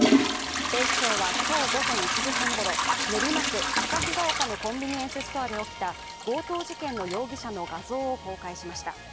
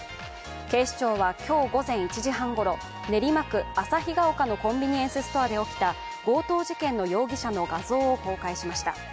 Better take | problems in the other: second | background sound (Trickle, dribble / Toilet flush / Hiss); 4 dB above the speech

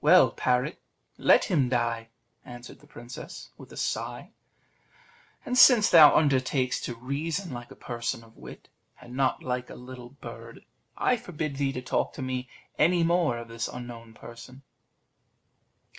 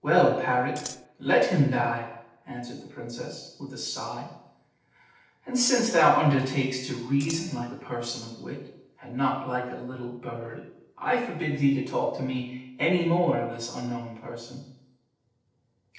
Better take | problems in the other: first | noise reduction (neural separator model SepFormer DNS4)

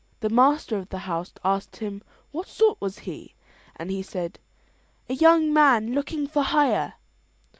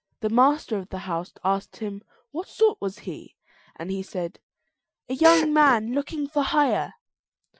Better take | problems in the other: first | noise reduction (classical method Wiener filter)

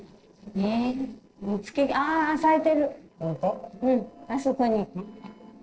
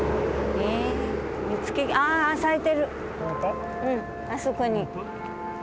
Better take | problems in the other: second | noise reduction (neural separator model SepFormer DNS4)

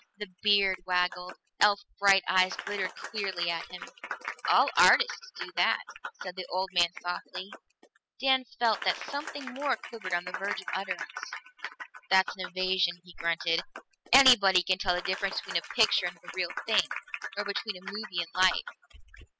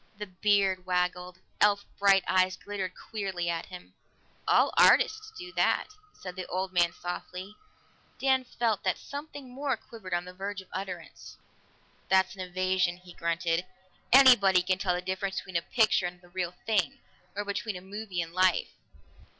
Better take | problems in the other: second | noise reduction (classical method spectral subtraction)

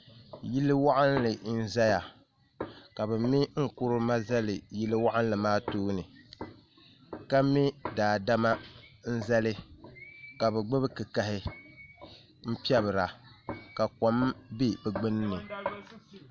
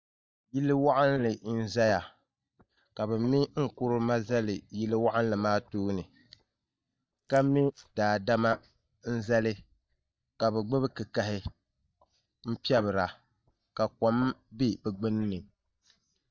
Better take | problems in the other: first | noise reduction (neural mask model DeepFilterNet 3)

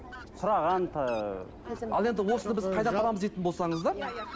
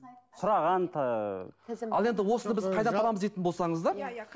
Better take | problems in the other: second | background sound (Fowl); 14 dB below the speech

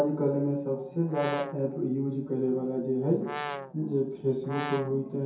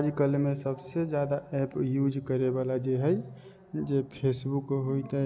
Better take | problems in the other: second | background sound (Brass instrument); 8 dB below the speech // room echo; dies away in 0.6 s

